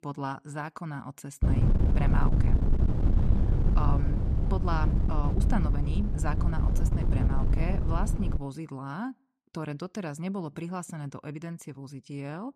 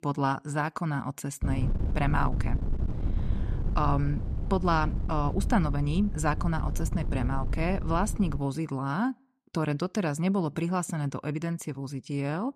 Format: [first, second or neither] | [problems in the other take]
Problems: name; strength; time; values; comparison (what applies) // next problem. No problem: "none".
second | wind noise on the microphone; heavy; from 1.5 to 8.5 s; 2 dB below the speech; occasional gusts in the second